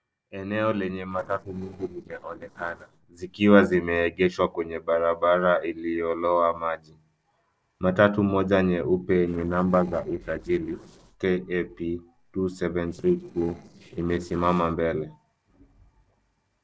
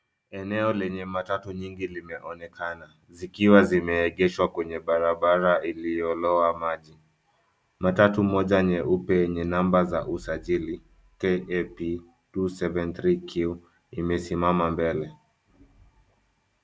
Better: second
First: noise reduction (neural separator model SepFormer DNS4)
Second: none

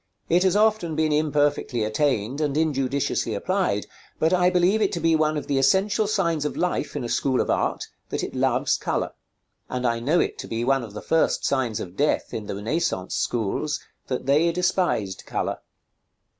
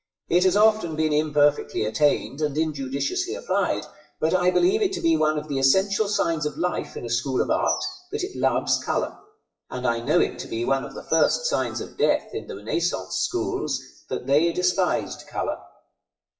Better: first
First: none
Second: noise reduction (classical method WPE with log-MMSE)

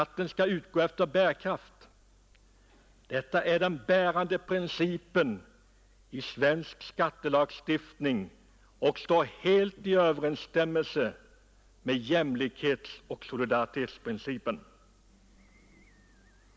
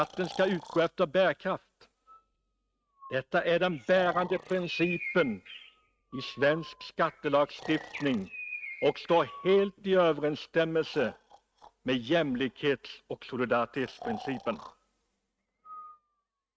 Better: first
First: none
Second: noise reduction (neural mask model RNNoise)

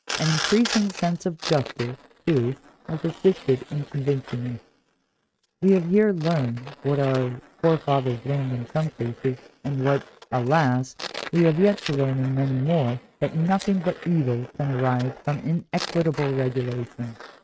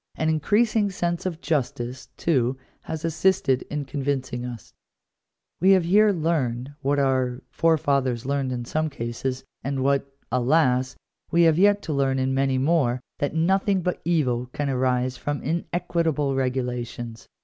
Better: second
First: noise reduction (neural mask model RNNoise)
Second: none

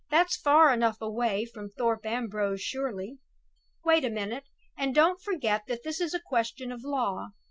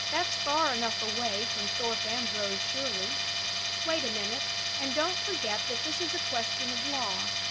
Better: first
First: none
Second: background sound (Tools); 4 dB above the speech

